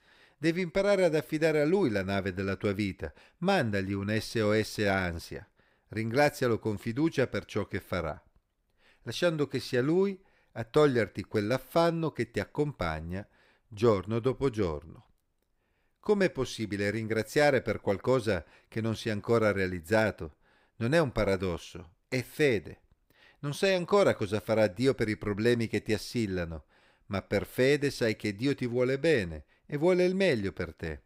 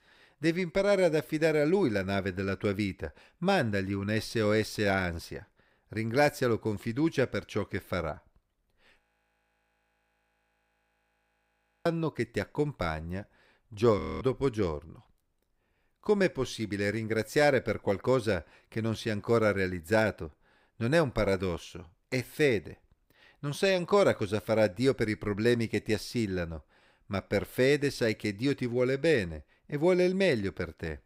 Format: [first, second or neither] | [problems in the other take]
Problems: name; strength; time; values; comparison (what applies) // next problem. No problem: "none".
first | audio freezing; at 9 s for 3 s and at 14 s